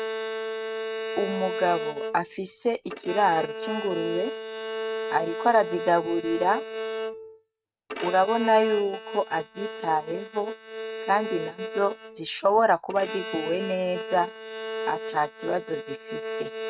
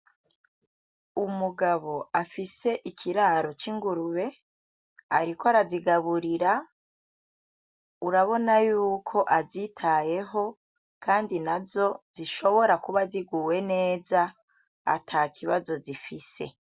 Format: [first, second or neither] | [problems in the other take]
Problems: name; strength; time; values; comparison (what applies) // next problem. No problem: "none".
second | noise reduction (neural mask model RNNoise)